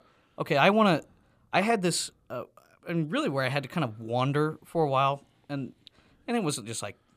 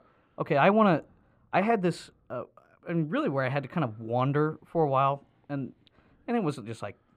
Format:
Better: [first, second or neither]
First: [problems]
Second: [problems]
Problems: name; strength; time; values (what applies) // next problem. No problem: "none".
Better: first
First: none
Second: muffled; slightly; fading above 3.5 kHz